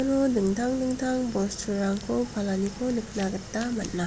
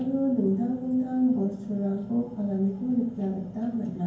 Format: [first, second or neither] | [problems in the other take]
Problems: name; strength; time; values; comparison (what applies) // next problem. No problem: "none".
first | room echo; dies away in 0.9 s